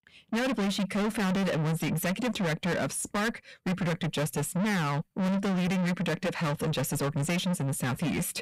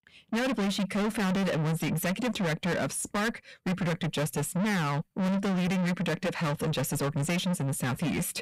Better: neither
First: distortion; heavy; 6 dB below the speech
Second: distortion; heavy; 6 dB below the speech

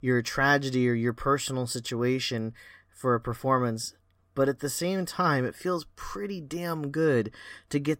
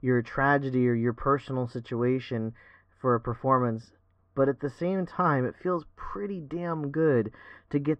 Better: first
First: none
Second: muffled; very; fading above 1.5 kHz

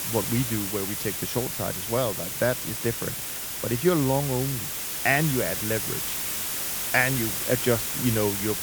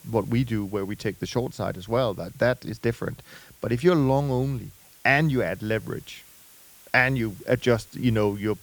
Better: second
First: hiss; loud; throughout; 1 dB below the speech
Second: hiss; faint; throughout; 25 dB below the speech

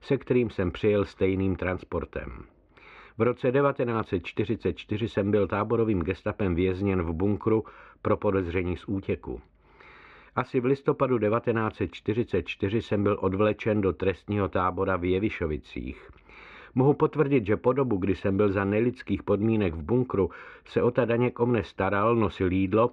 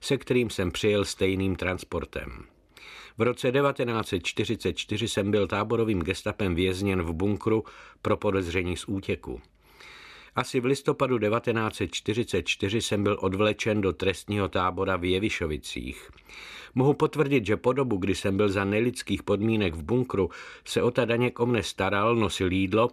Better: second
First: muffled; very; fading above 2 kHz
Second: none

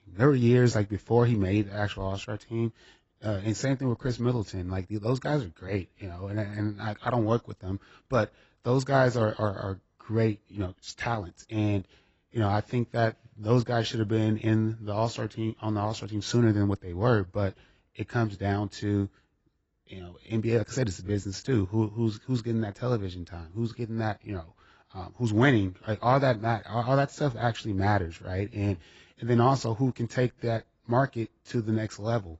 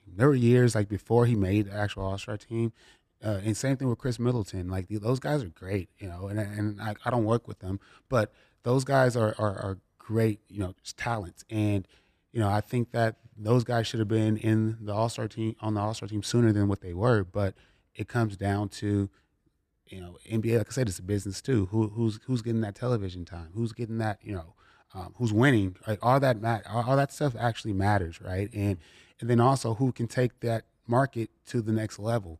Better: second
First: garbled, watery; badly; nothing above 7.5 kHz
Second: none

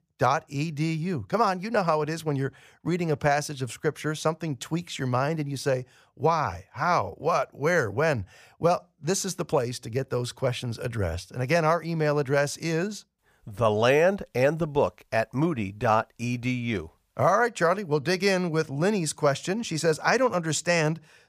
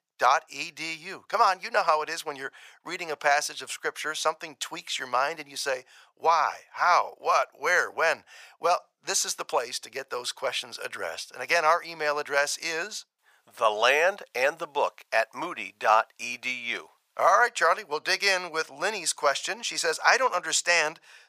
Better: first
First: none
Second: thin; very; fading below 850 Hz

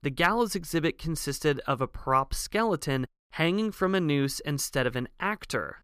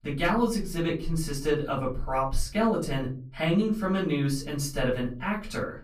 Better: first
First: none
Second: off-mic speech; far // room echo; slight; dies away in 0.4 s

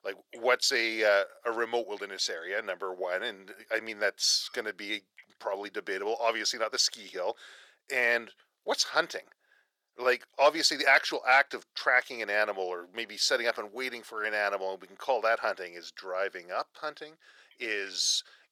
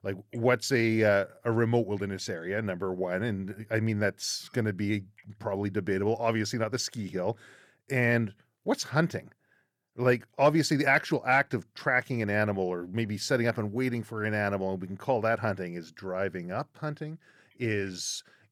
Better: second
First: thin; very; fading below 500 Hz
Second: none

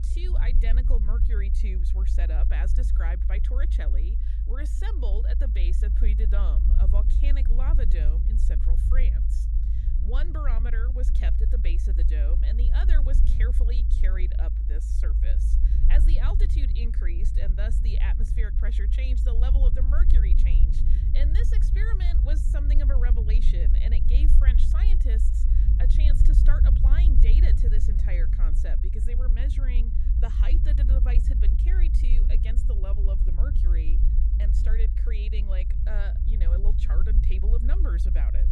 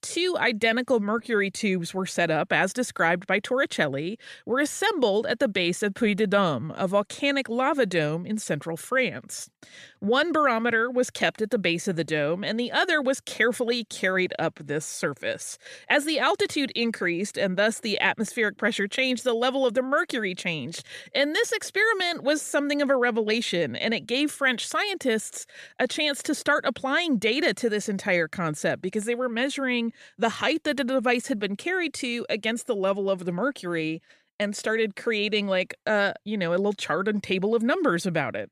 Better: second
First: low rumble; loud; throughout; 3 dB below the speech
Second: none

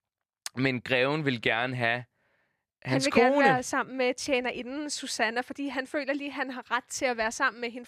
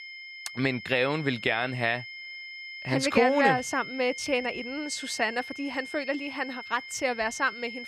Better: first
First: none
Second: high-pitched whine; noticeable; throughout; 2 kHz, 10 dB below the speech

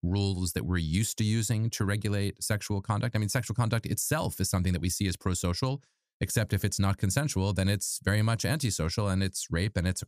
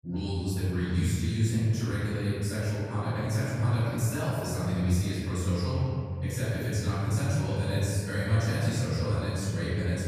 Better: first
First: none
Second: off-mic speech; far // room echo; strong; dies away in 2.6 s

